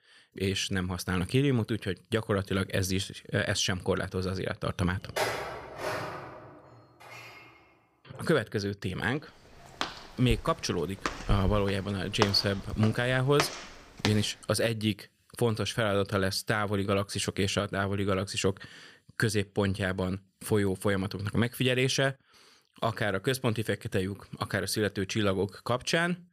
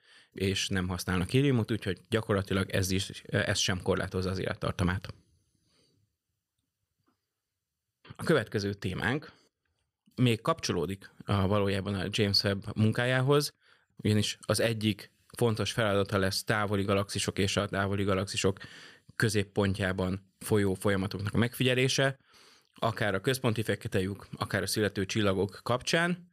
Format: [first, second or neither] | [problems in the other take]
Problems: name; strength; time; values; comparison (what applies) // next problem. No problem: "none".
second | clattering dishes; noticeable; from 5 to 8 s; peak 1 dB below the speech // footsteps; noticeable; from 10 to 14 s; peak 3 dB below the speech